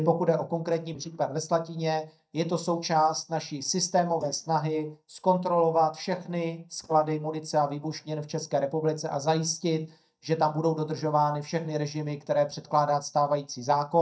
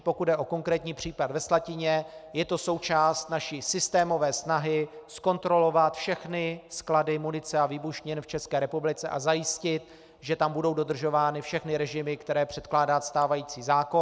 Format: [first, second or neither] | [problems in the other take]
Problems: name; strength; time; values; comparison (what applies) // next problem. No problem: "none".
second | noise reduction (neural mask model DeepFilterNet 3)